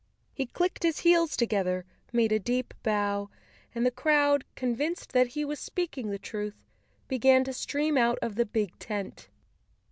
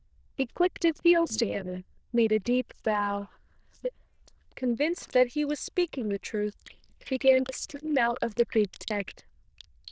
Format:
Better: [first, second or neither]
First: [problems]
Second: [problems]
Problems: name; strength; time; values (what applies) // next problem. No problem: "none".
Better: first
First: none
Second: noise reduction (neural diffusion model UNIVERSE++)